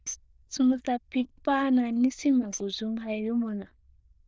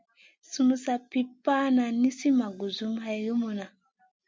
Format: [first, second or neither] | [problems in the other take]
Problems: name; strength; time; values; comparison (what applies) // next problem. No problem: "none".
second | noise reduction (neural diffusion model UNIVERSE++)